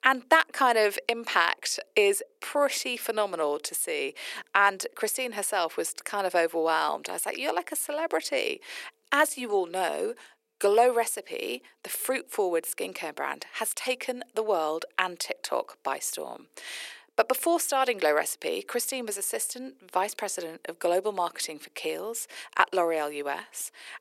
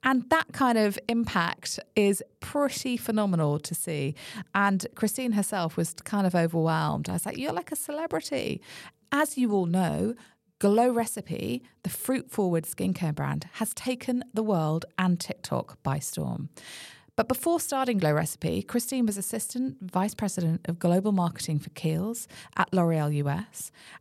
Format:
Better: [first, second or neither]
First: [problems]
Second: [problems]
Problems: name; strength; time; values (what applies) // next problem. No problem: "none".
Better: second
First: thin; very; fading below 350 Hz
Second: none